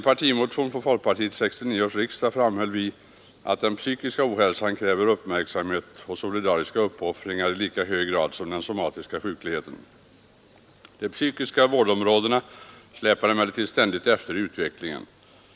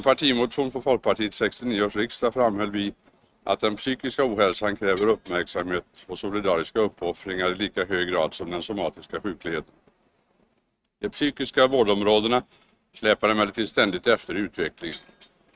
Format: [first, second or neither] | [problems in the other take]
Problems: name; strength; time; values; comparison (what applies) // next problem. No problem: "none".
first | noise reduction (neural mask model RNNoise)